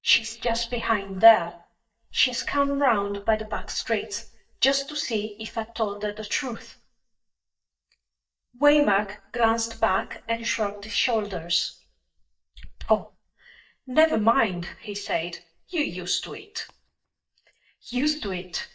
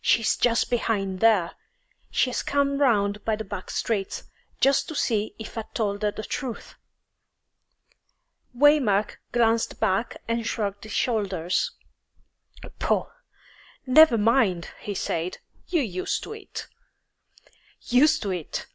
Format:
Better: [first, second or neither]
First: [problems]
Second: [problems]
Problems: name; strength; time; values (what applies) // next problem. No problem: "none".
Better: second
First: noise reduction (neural mask model DeepFilterNet 3)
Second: none